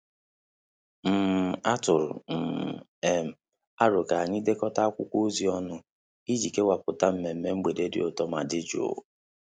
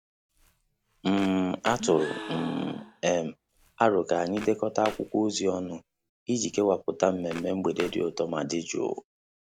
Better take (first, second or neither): first